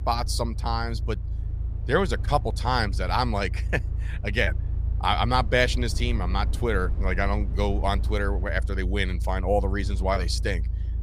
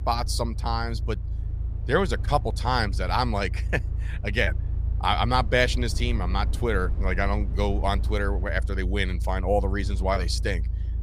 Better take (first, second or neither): neither